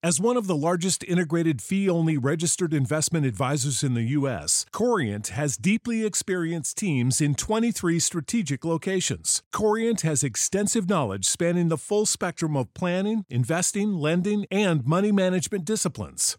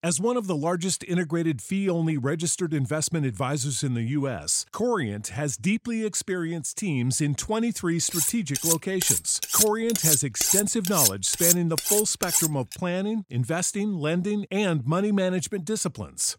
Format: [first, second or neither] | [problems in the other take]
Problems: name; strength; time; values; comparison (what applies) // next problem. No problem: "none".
first | clattering dishes; loud; from 8 to 13 s; peak 6 dB above the speech